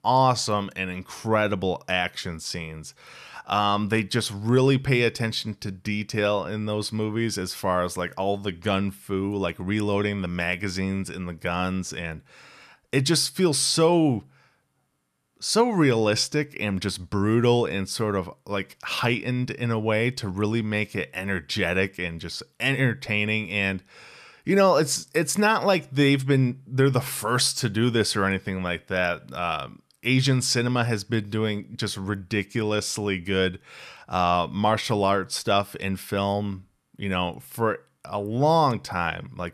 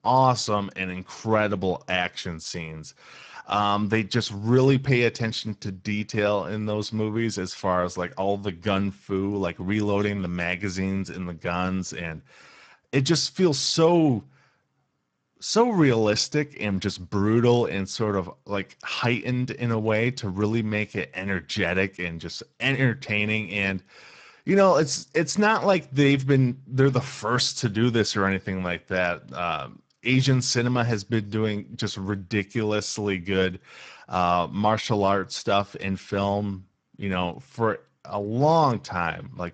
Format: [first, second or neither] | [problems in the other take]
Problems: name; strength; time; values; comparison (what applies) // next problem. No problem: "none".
first | garbled, watery; badly; nothing above 7.5 kHz